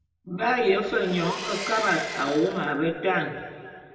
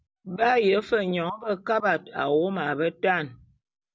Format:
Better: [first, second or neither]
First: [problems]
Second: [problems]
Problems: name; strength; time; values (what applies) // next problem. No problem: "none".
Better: second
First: background sound (Engine); 11 dB below the speech // room echo; dies away in 1.9 s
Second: none